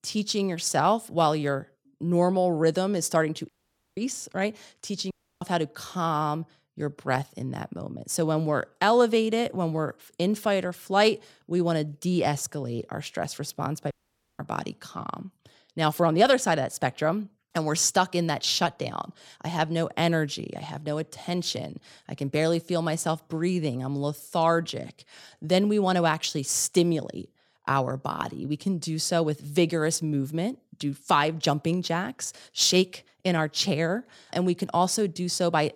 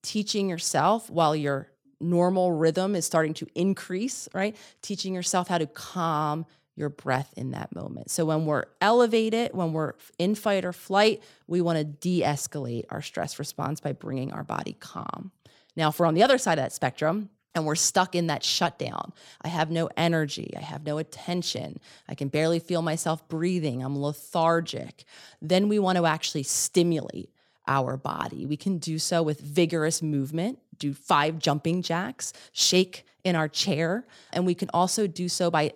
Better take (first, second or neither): second